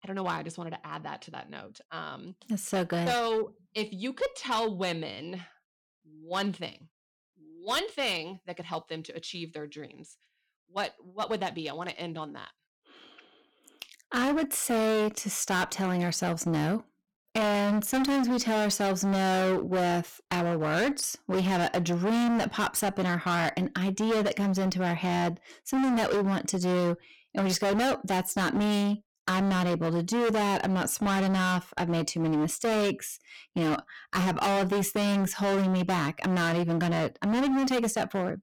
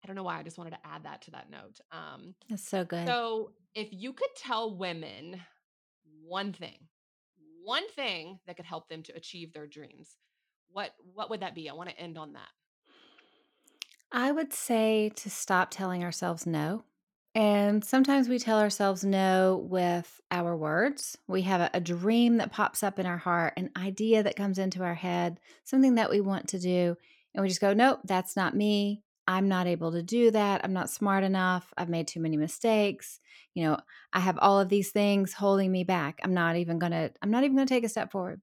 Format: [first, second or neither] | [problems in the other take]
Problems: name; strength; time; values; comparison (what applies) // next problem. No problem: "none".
second | distortion; heavy; 21% of the sound clipped